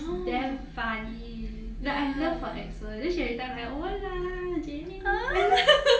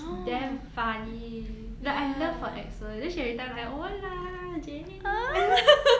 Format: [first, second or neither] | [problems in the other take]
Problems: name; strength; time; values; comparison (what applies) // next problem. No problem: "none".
second | room echo; dies away in 0.2 s